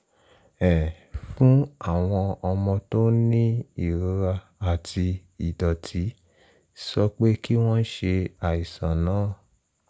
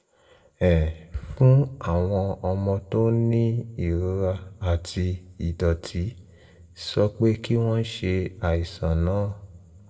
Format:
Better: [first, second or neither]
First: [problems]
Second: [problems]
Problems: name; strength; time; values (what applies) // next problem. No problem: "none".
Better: first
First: none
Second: room echo; dies away in 0.6 s